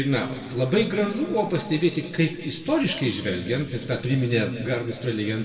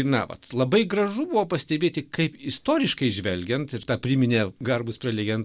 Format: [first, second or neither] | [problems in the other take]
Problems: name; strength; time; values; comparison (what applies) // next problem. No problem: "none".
second | room echo; dies away in 2.2 s